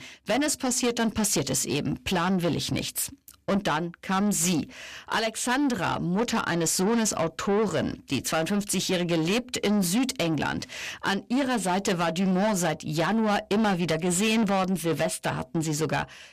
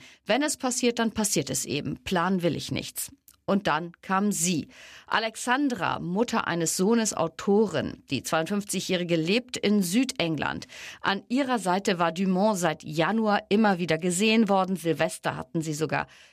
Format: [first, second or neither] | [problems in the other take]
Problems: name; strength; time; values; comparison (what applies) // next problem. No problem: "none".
second | distortion; heavy; 8 dB below the speech